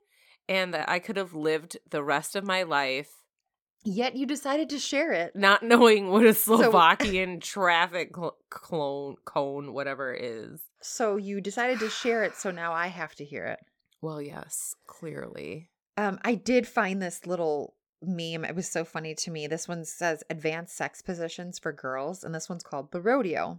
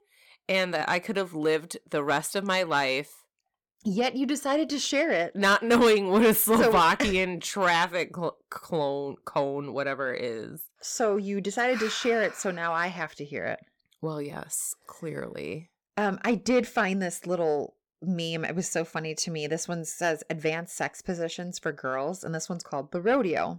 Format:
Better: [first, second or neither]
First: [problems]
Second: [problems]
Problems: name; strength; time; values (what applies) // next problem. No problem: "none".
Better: first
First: none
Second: distortion; slight; 10 dB below the speech